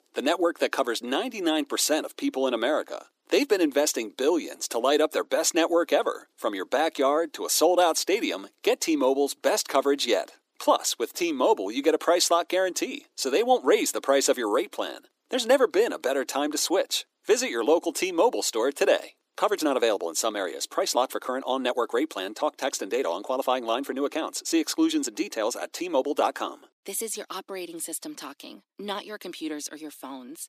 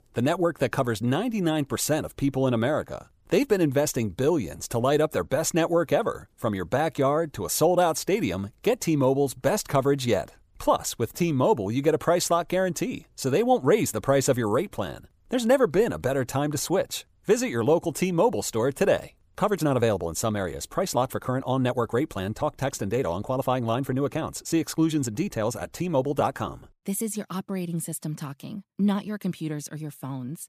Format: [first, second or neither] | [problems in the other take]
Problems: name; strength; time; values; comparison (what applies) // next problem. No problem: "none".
second | thin; somewhat; fading below 300 Hz